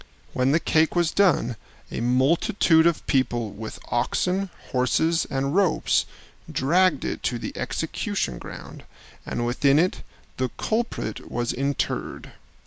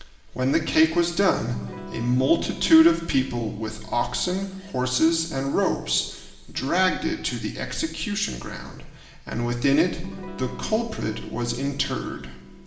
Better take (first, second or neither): first